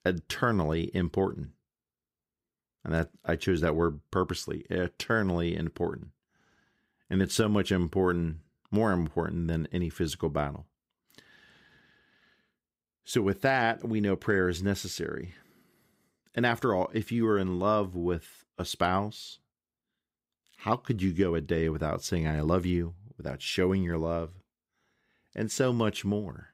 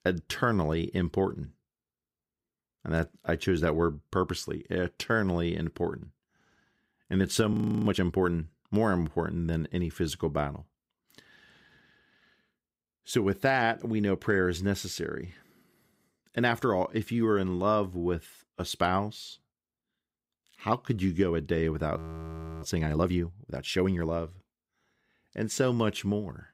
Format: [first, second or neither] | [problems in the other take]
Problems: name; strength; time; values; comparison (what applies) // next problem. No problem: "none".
first | audio freezing; at 7.5 s and at 22 s for 0.5 s